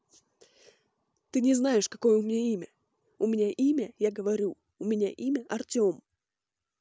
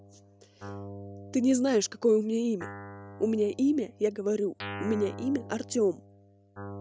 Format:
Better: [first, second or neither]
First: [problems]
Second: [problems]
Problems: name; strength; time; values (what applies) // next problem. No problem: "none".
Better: first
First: none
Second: background sound (Guitar); 15 dB below the speech